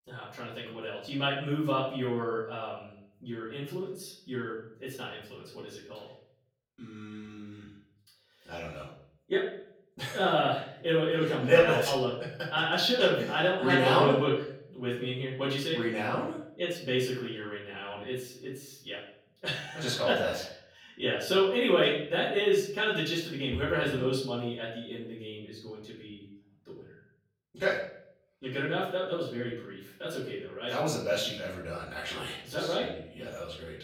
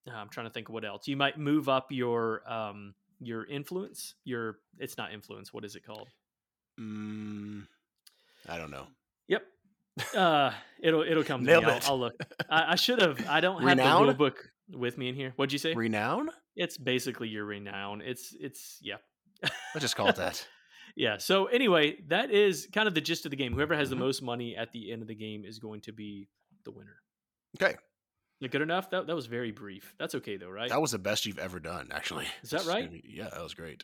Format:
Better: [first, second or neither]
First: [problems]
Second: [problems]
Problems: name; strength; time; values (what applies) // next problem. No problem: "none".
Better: second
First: room echo; noticeable; dies away in 0.6 s // off-mic speech; far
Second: none